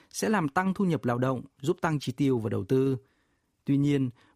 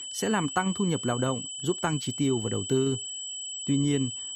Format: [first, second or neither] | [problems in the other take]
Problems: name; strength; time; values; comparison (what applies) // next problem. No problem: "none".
first | high-pitched whine; loud; throughout; 3 kHz, 6 dB below the speech